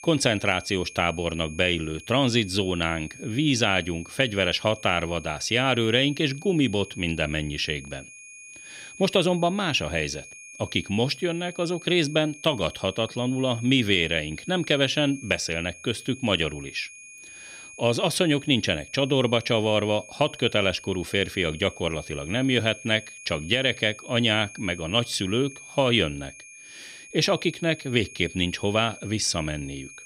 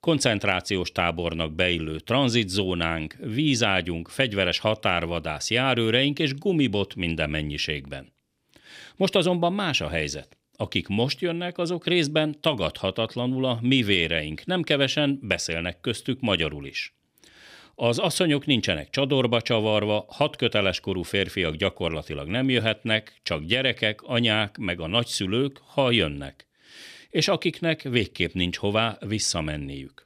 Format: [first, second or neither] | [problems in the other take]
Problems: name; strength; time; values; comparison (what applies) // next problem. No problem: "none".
second | high-pitched whine; noticeable; throughout; 2.5 kHz, 20 dB below the speech